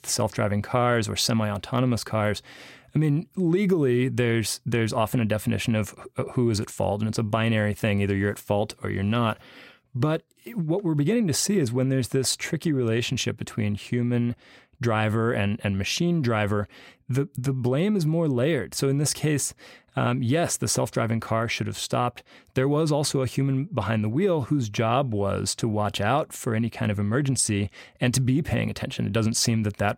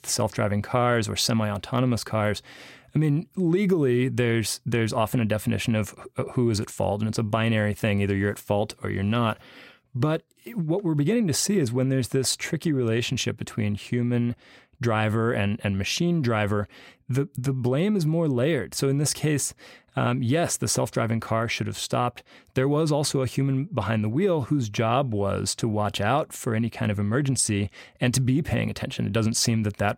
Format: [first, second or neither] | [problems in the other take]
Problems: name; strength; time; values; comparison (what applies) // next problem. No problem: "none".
neither | none